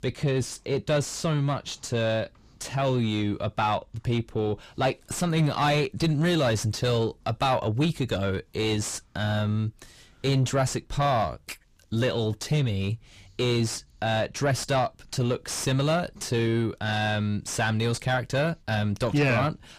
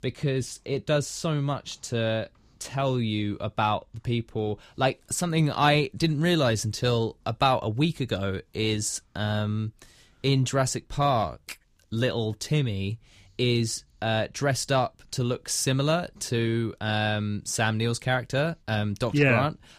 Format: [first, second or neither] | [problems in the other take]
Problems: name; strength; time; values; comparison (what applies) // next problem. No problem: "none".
second | distortion; slight; 9 dB below the speech